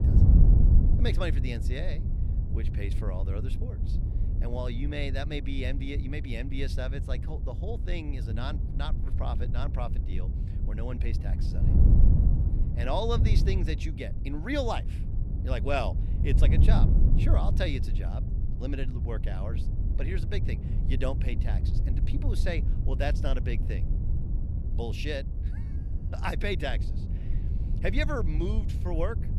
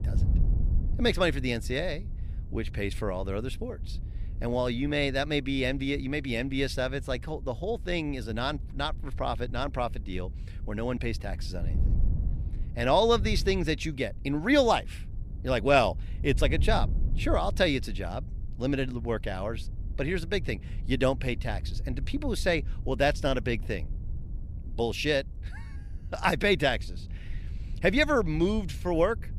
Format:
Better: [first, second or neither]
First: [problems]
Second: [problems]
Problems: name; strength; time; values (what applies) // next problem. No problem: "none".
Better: second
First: wind noise on the microphone; heavy; 7 dB below the speech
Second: wind noise on the microphone; occasional gusts; 25 dB below the speech